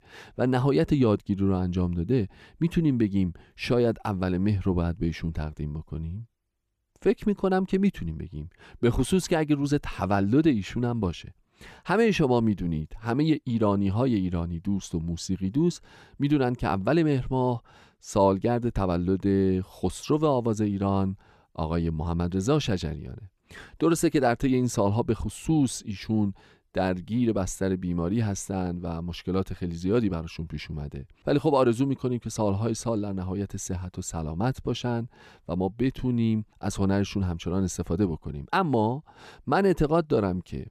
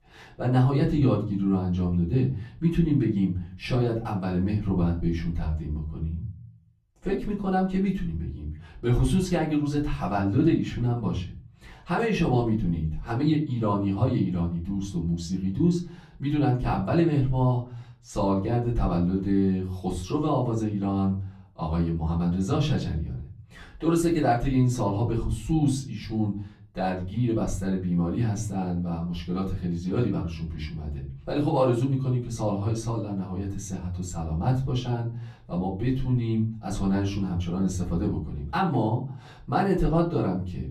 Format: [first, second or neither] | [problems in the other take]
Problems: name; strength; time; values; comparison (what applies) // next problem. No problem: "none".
first | room echo; slight; dies away in 0.4 s // off-mic speech; far